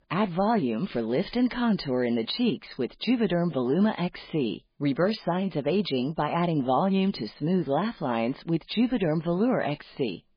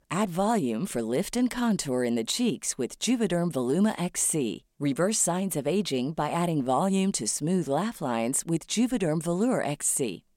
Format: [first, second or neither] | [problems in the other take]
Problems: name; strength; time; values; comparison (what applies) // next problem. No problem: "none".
second | garbled, watery; badly; nothing above 4 kHz